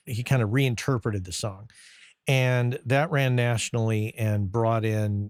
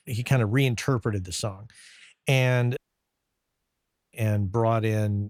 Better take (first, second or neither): first